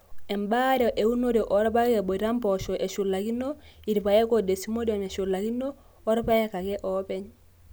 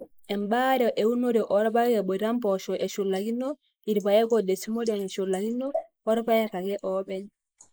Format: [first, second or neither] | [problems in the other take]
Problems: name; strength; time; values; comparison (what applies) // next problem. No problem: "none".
first | noise reduction (neural mask model Resemble Enhance denoiser)